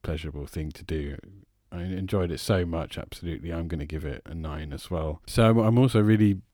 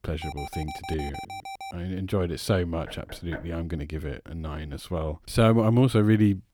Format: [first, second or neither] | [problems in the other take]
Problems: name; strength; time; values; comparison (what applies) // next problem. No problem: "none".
first | alarm; faint; until 1.5 s; peak 10 dB below the speech // door banging; faint; at 3 s; peak 15 dB below the speech